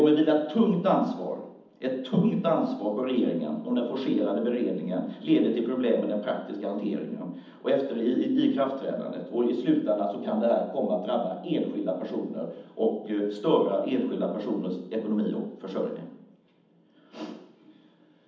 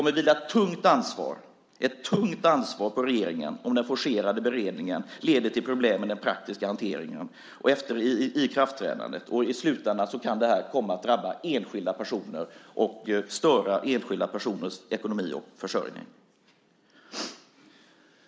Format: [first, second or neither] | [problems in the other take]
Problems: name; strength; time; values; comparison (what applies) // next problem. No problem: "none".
second | room echo; dies away in 0.8 s